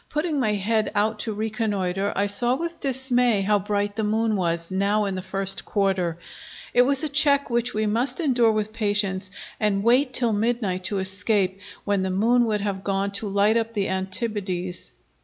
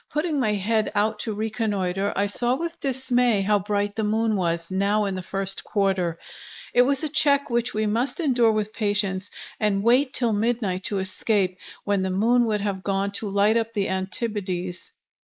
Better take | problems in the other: first | noise reduction (neural mask model Resemble Enhance denoiser)

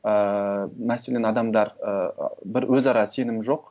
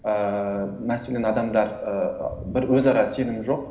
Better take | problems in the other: first | background sound (Thunder / Rain); 20 dB below the speech // room echo; dies away in 1.1 s

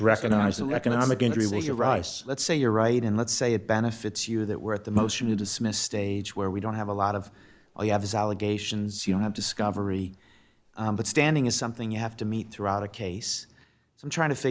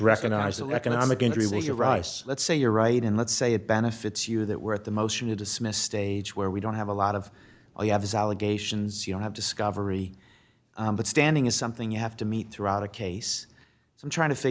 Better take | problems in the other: second | noise reduction (neural mask model Resemble Enhance denoiser)

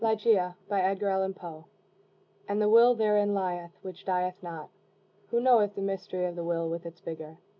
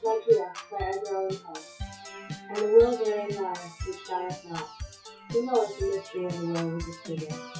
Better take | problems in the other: first | noise reduction (classical method WPE with log-MMSE)

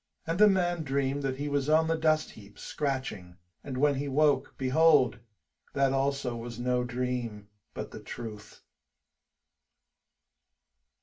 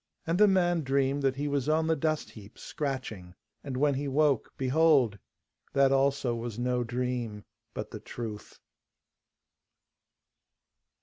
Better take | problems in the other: second | room echo; dies away in 0.2 s

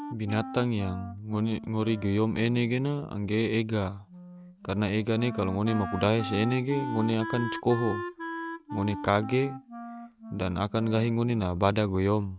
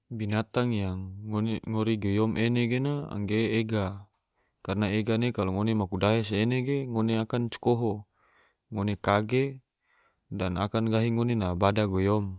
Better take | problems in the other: second | background sound (Wind instrument, woodwind instrument); 11 dB below the speech

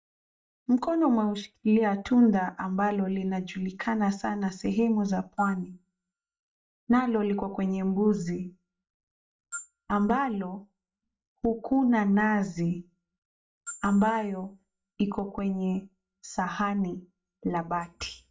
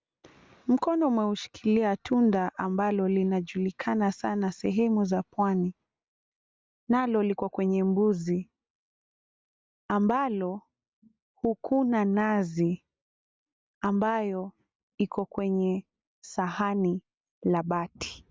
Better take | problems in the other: second | noise reduction (neural mask model DeepFilterNet 3)

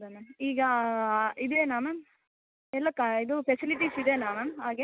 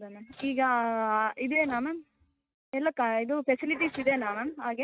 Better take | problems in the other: first | noise reduction (neural mask model RNNoise)

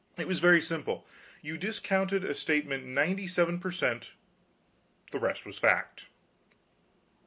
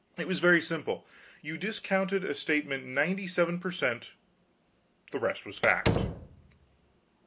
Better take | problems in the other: first | background sound (Slam); 2 dB below the speech

